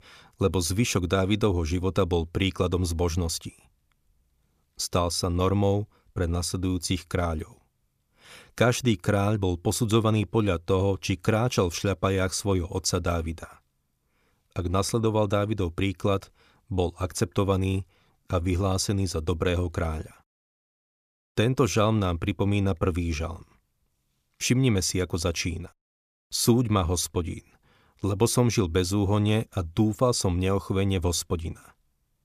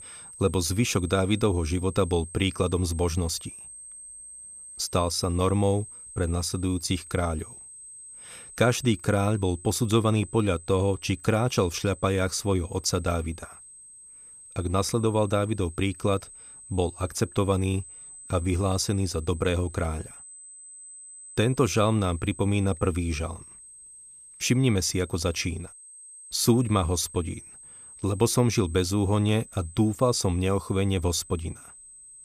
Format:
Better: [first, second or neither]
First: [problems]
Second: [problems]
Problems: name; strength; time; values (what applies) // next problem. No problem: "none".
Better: first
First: none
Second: high-pitched whine; noticeable; throughout; 8 kHz, 15 dB below the speech